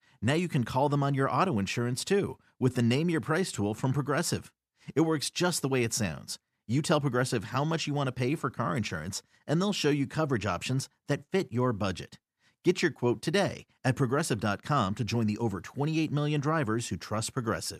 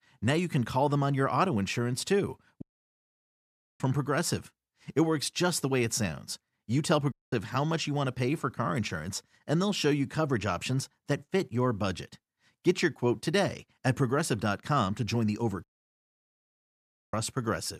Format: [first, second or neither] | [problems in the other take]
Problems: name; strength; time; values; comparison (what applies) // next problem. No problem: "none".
first | audio cutting out; at 2.5 s for 1 s, at 7 s and at 16 s for 1.5 s